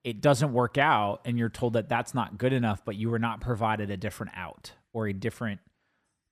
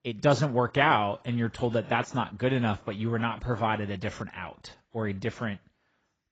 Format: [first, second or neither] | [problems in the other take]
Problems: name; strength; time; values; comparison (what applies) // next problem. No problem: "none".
first | garbled, watery; badly; nothing above 7.5 kHz